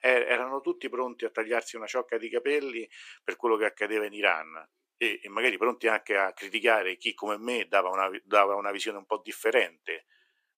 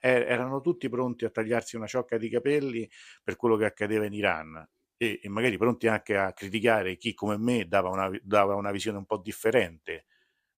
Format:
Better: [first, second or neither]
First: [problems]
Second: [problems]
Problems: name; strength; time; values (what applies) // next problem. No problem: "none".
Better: second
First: thin; somewhat; fading below 350 Hz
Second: none